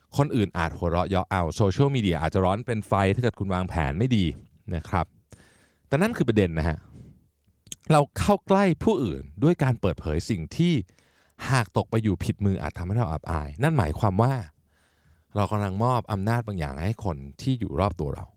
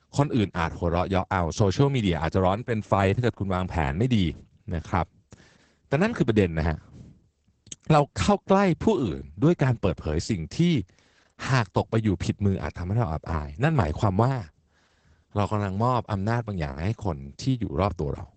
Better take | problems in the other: first | garbled, watery; badly; nothing above 8 kHz; slightly in the first

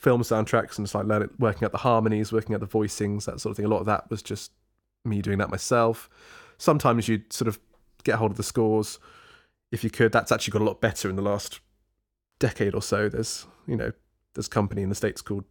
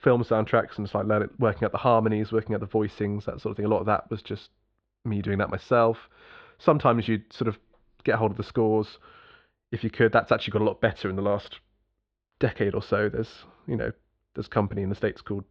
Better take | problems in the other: first | muffled; very; fading above 4 kHz

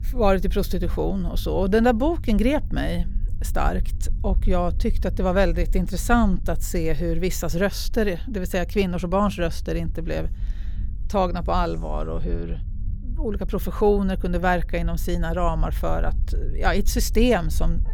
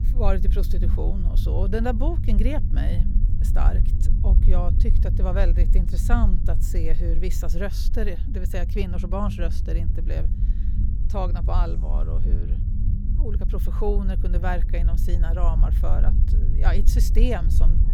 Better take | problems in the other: first | low rumble; loud; throughout; 9 dB below the speech; faint in the first

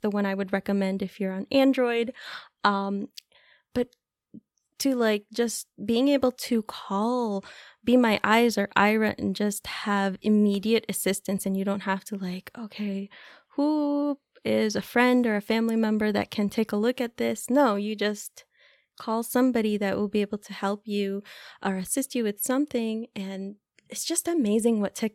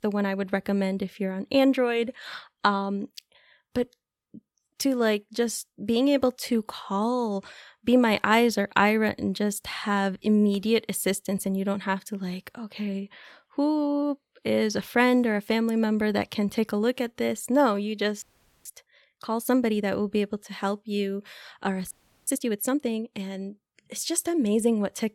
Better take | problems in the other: first | audio freezing; at 18 s and at 22 s

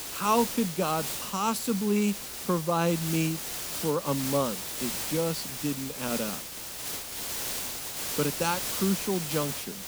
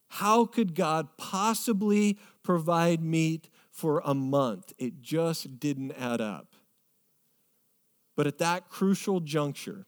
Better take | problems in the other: second | hiss; loud; throughout; 3 dB below the speech

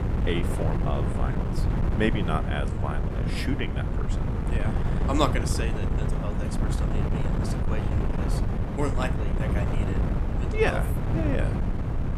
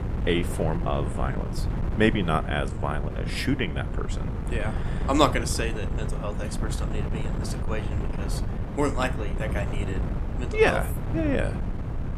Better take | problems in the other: second | wind noise on the microphone; heavy; 3 dB below the speech; occasional gusts in the second

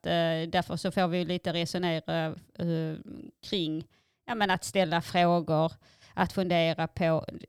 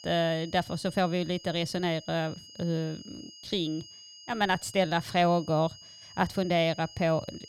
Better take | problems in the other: first | high-pitched whine; noticeable; throughout; 5 kHz, 20 dB below the speech

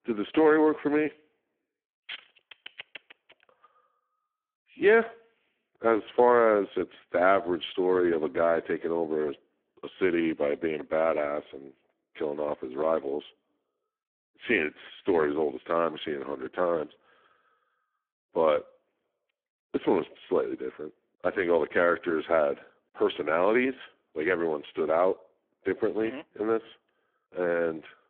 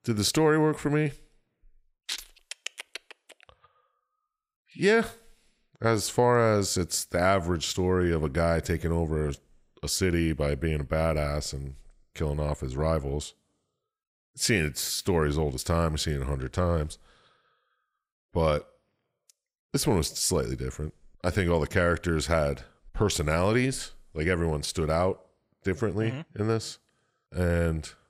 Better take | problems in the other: second | phone-call audio; poor line

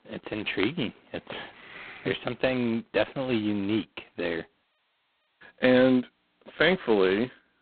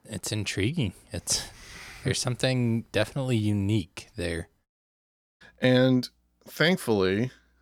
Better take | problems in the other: second | phone-call audio; poor line; nothing above 4 kHz

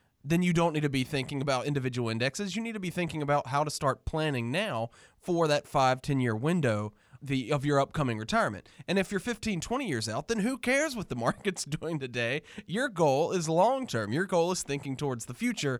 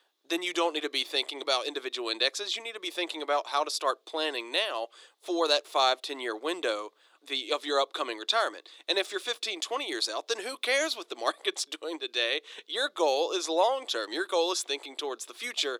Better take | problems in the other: first | thin; very; fading below 300 Hz

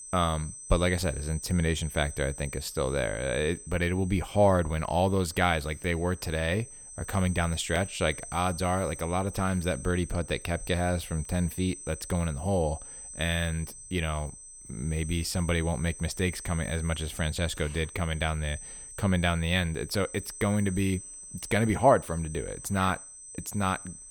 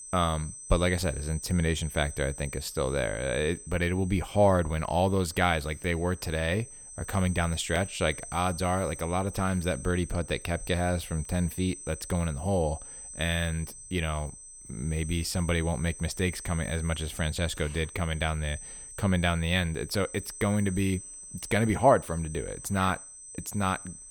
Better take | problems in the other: neither | high-pitched whine; noticeable; throughout; 8 kHz, 15 dB below the speech; the same in both

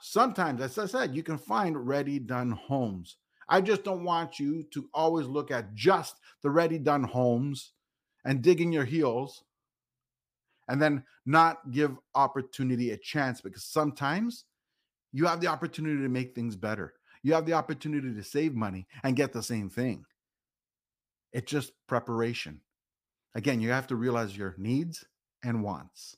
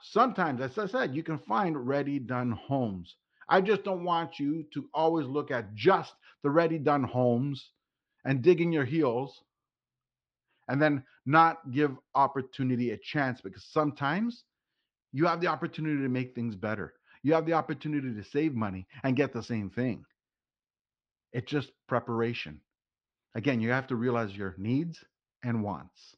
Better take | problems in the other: first | muffled; very slightly; fading above 4 kHz

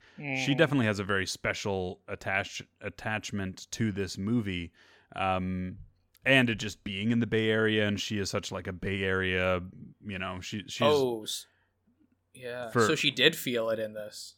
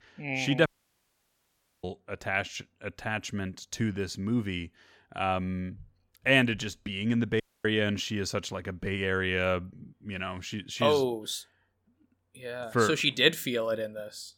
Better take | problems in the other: first | audio cutting out; at 0.5 s for 1 s and at 7.5 s

